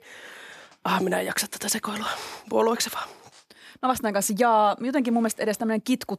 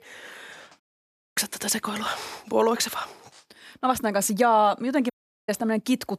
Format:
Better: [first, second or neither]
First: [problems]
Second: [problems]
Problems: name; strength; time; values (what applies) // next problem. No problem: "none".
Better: first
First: none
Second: audio cutting out; at 1 s for 0.5 s and at 5 s